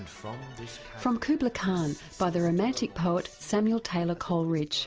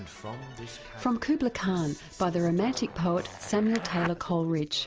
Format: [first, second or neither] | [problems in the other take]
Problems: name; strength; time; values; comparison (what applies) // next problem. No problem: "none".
first | background sound (Zipper (clothing)); 11 dB below the speech